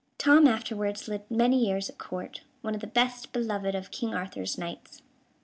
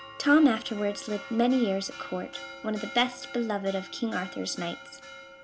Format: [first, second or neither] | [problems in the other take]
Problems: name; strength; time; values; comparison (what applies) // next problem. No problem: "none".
first | background sound (Church bell); 15 dB below the speech